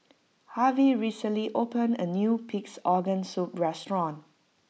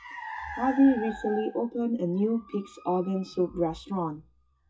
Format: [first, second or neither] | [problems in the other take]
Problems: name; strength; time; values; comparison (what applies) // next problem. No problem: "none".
first | noise reduction (classical method WPE with log-MMSE)